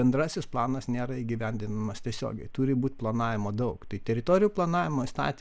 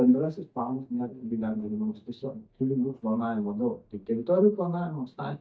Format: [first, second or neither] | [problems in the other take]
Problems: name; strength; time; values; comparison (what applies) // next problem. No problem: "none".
first | noise reduction (neural mask model DeepFilterNet 3)